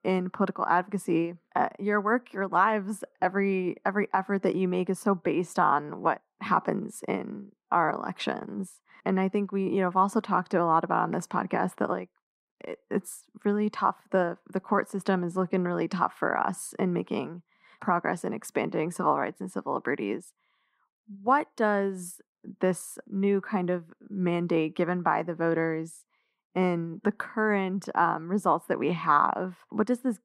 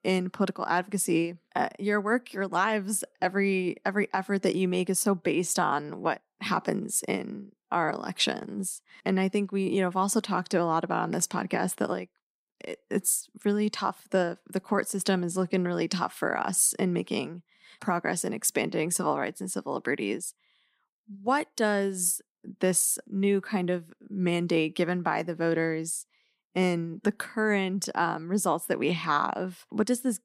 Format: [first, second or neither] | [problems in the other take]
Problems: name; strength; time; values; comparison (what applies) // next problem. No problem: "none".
second | muffled; very; fading above 3 kHz